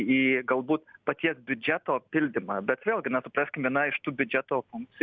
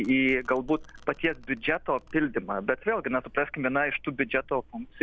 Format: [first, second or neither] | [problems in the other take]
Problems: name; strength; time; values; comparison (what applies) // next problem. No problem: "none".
first | background sound (Domestic sounds, home sounds); 19 dB below the speech